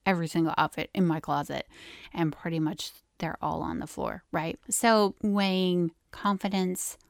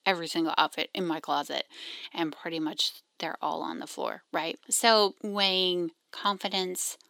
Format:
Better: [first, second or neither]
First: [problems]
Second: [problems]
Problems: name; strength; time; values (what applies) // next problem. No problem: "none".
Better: first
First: none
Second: thin; somewhat; fading below 300 Hz